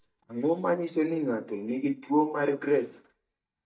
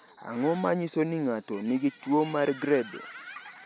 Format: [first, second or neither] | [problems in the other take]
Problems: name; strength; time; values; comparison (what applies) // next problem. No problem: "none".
second | noise reduction (neural mask model DeepFilterNet 3)